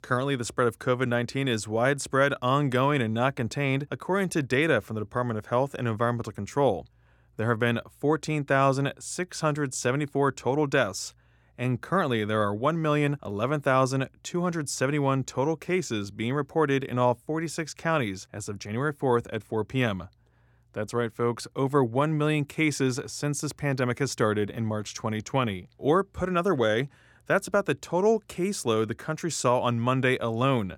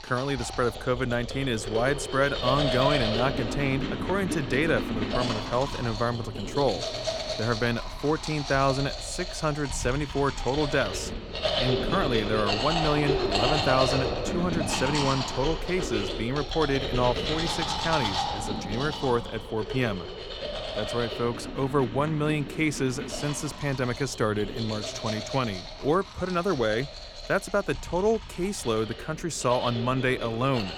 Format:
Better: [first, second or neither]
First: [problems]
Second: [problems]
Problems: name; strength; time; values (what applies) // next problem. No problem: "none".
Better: first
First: none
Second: household noises; loud; throughout; 3 dB below the speech